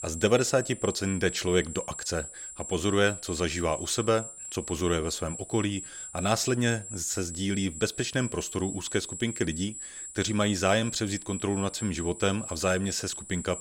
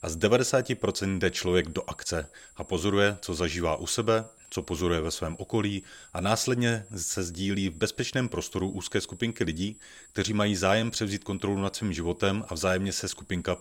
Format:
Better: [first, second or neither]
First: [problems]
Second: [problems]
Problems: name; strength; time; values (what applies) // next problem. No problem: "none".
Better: second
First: high-pitched whine; loud; throughout; 7.5 kHz, 10 dB below the speech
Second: high-pitched whine; faint; throughout; 7.5 kHz, 25 dB below the speech